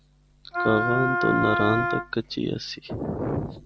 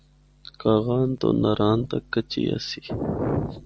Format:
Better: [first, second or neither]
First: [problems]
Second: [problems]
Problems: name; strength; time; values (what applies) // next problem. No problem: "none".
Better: second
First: background sound (Wind instrument, woodwind instrument); 1 dB above the speech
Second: none